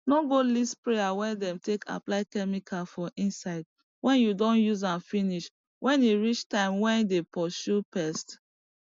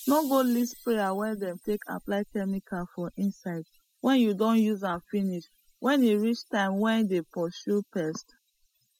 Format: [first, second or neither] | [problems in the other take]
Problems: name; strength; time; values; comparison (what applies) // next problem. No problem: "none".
first | noise reduction (classical method spectral subtraction)